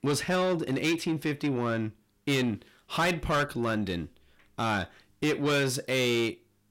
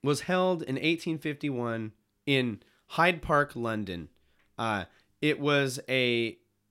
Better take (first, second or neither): second